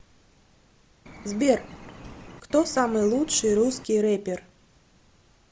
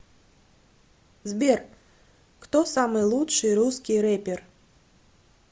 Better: second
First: background sound (Bird); 17 dB below the speech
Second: none

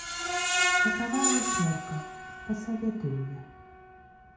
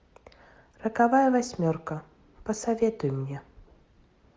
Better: second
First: background sound (Screech); 3 dB above the speech // room echo; dies away in 0.6 s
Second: none

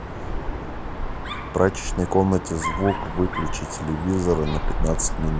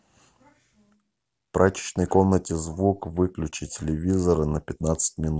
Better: second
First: background sound (Dog); 3 dB below the speech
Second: none

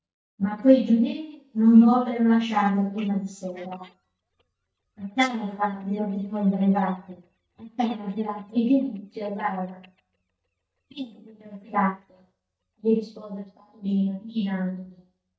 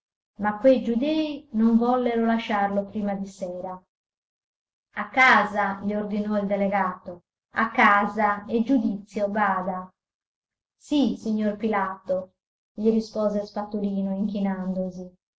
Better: second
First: noise reduction (neural mask model DeepFilterNet 3)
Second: none

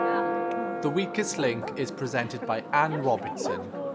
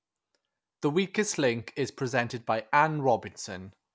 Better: second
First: background sound (Church bell); 2 dB below the speech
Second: none

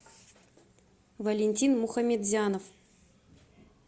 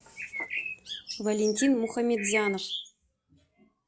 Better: first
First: none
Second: noise reduction (classical method log-MMSE)

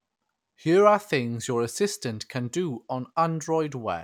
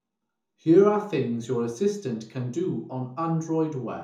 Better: first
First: none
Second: room echo; dies away in 0.5 s

